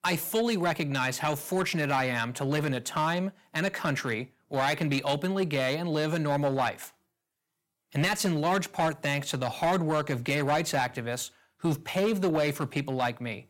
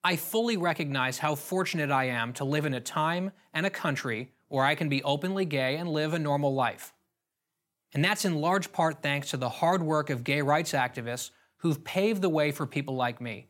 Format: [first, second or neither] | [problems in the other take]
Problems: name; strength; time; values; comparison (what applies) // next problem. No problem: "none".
second | distortion; slight; 6% of the sound clipped